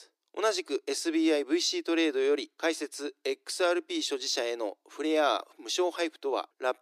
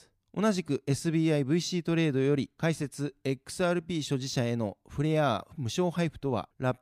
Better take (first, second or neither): second